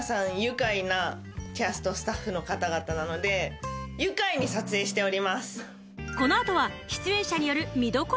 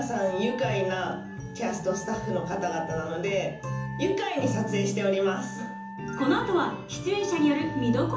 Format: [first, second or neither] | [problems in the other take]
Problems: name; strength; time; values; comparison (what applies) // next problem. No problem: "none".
first | background sound (Wind instrument, woodwind instrument); 15 dB below the speech // room echo; dies away in 0.7 s